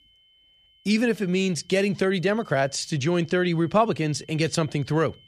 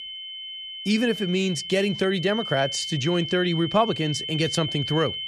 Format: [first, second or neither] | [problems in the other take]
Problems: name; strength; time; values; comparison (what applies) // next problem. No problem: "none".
first | high-pitched whine; loud; throughout; 3 kHz, 6 dB below the speech; faint in the first